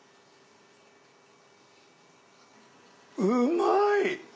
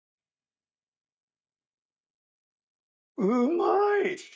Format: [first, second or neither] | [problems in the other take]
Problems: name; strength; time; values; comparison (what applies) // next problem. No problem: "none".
first | noise reduction (neural mask model DeepFilterNet 3)